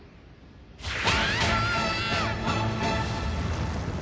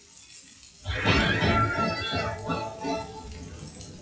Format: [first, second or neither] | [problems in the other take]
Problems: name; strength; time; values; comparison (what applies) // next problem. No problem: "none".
first | noise reduction (classical method WPE with log-MMSE)